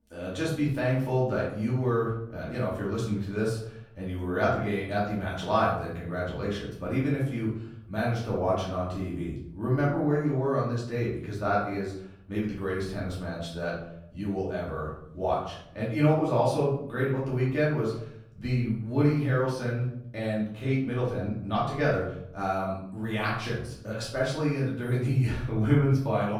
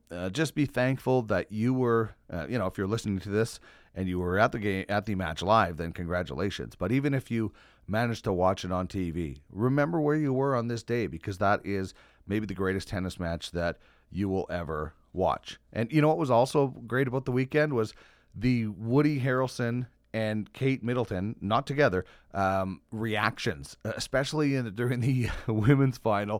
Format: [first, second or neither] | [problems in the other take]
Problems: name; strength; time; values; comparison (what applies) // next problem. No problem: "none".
second | off-mic speech; far // room echo; noticeable; dies away in 0.6 s